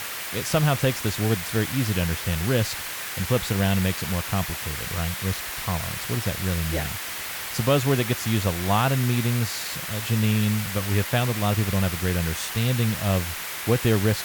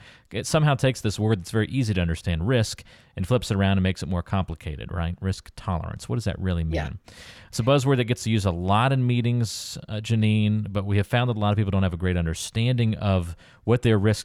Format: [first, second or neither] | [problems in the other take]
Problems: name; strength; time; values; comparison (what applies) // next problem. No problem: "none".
second | hiss; loud; throughout; 4 dB below the speech